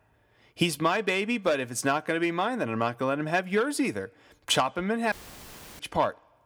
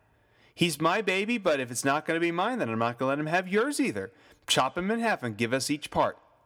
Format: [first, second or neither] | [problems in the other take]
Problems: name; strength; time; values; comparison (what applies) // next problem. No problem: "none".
second | audio cutting out; filled with static; at 5 s for 0.5 s